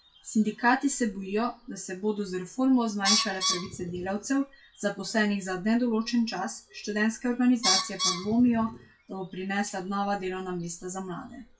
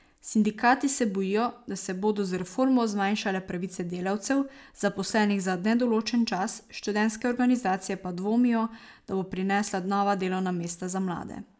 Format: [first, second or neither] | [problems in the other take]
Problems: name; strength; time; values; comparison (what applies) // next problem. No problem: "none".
second | noise reduction (classical method WPE with log-MMSE)